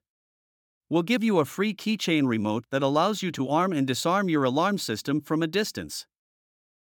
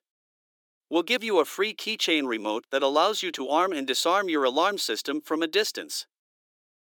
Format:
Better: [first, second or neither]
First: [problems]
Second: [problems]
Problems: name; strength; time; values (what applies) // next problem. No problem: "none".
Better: first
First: none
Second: thin; somewhat; fading below 350 Hz